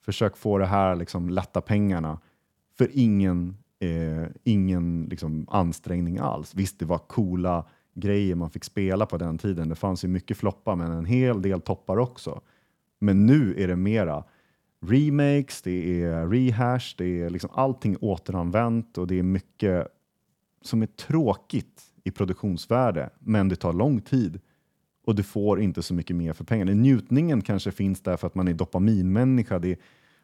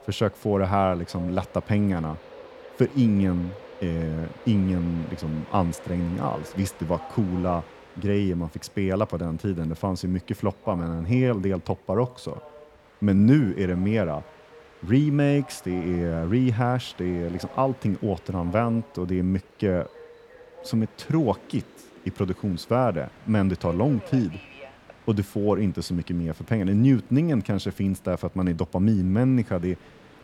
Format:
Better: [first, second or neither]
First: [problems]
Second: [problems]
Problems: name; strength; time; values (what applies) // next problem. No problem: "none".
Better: first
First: none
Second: train or aircraft noise; faint; throughout; 20 dB below the speech